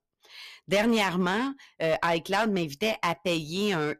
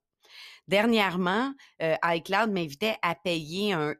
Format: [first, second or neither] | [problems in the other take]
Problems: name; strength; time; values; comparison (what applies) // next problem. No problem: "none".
second | distortion; slight; 6% of the sound clipped